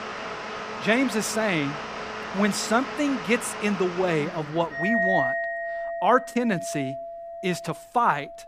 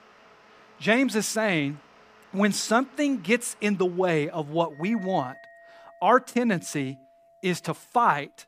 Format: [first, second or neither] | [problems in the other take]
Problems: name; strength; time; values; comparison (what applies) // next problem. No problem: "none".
second | household noises; loud; throughout; 5 dB below the speech; faint in the second